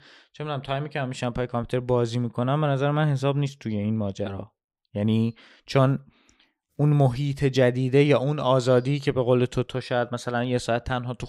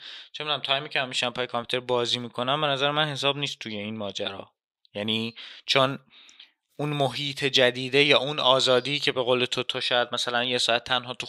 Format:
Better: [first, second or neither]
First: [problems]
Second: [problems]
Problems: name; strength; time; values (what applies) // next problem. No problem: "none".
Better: first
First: none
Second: thin; somewhat; fading below 950 Hz